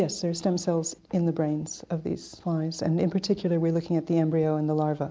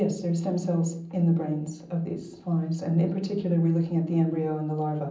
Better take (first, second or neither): first